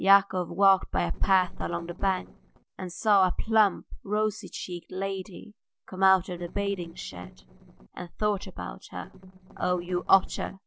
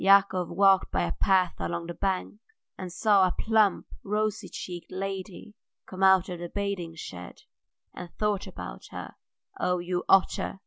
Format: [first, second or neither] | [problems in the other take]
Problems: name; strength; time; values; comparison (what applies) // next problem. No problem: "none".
second | noise reduction (neural separator model SepFormer DNS4)